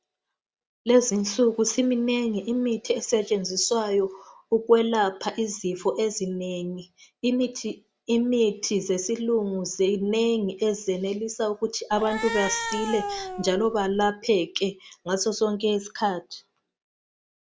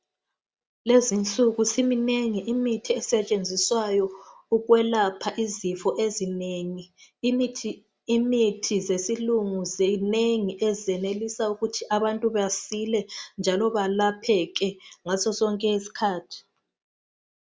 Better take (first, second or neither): second